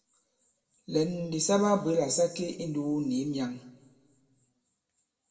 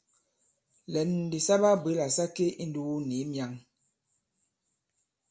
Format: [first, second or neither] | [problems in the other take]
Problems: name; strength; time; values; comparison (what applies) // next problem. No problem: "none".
second | room echo; dies away in 0.9 s